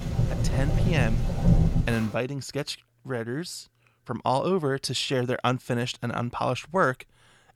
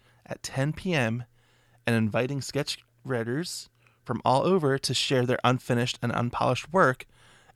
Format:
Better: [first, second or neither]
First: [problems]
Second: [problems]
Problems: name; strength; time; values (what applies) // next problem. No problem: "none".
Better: second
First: rain or running water; very loud; until 2 s; 3 dB above the speech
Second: none